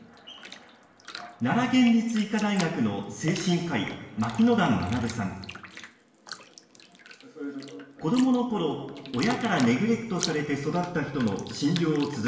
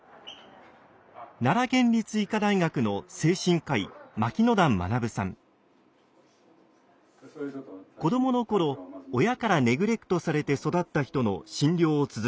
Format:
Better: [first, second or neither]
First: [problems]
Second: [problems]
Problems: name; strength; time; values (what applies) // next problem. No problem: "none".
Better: second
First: background sound (Bathtub (filling or washing)); 16 dB below the speech // room echo; dies away in 0.9 s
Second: none